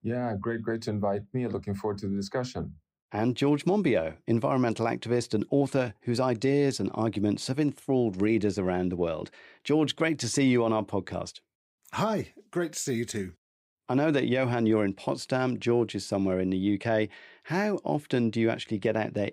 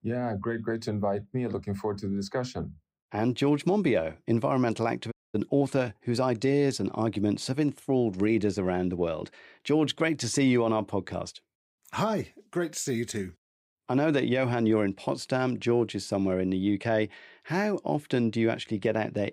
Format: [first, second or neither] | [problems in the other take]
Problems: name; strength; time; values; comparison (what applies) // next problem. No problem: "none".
first | audio cutting out; at 5 s